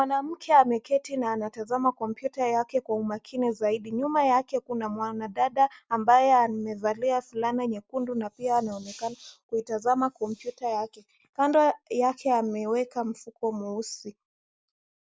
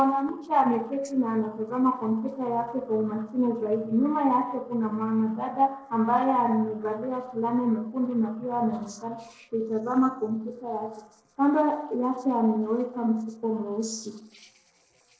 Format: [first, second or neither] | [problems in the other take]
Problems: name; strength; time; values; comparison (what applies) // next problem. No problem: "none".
first | noise reduction (neural separator model SepFormer DNS4)